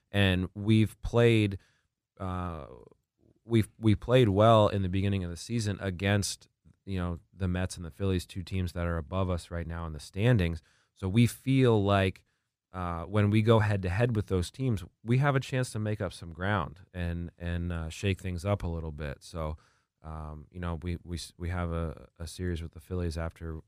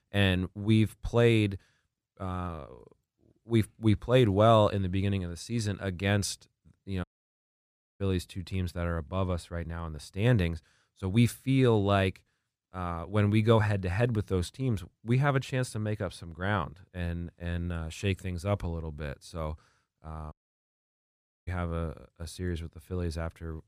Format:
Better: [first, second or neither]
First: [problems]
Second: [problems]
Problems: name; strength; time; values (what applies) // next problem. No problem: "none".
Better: first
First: none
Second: audio cutting out; at 7 s for 1 s and at 20 s for 1 s